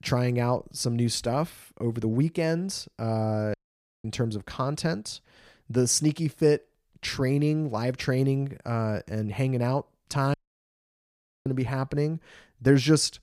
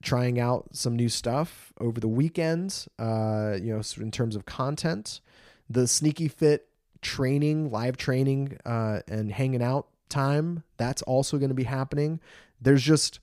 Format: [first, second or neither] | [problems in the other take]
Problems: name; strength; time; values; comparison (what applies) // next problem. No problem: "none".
second | audio cutting out; at 3.5 s for 0.5 s and at 10 s for 1 s